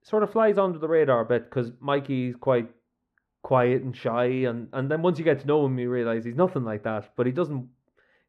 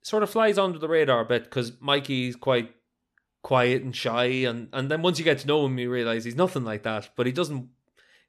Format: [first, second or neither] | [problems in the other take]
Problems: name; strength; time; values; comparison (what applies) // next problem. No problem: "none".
second | muffled; very; fading above 2.5 kHz